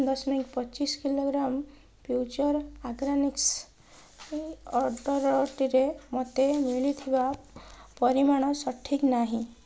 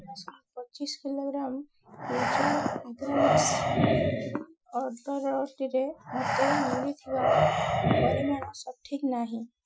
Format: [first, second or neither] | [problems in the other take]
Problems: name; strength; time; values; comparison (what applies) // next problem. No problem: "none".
first | noise reduction (classical method Wiener filter)